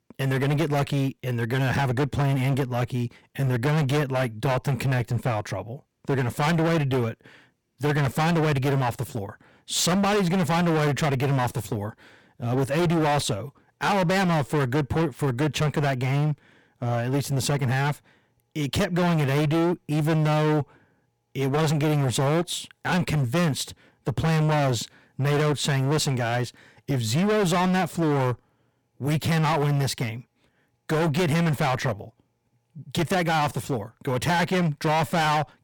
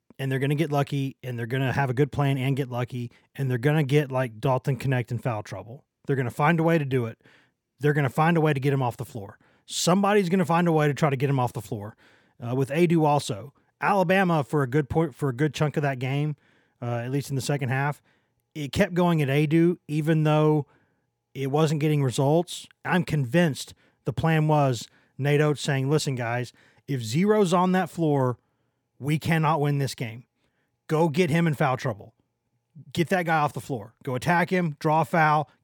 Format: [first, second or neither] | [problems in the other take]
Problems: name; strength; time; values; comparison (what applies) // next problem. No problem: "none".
second | distortion; heavy; 24% of the sound clipped